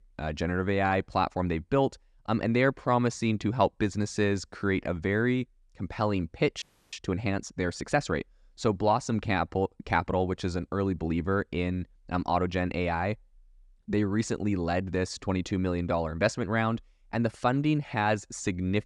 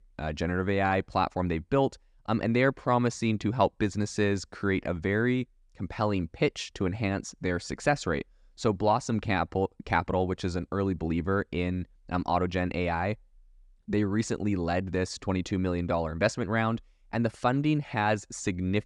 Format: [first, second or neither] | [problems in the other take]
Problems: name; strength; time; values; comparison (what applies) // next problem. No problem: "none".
second | audio freezing; at 6.5 s